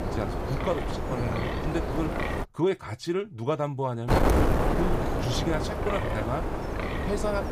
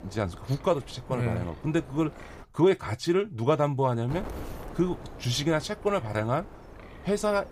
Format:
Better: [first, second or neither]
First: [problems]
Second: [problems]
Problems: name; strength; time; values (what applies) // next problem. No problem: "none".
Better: second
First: wind noise on the microphone; heavy; until 2.5 s and from 4 s on; 2 dB above the speech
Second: wind noise on the microphone; occasional gusts; until 2.5 s and from 4 s on; 15 dB below the speech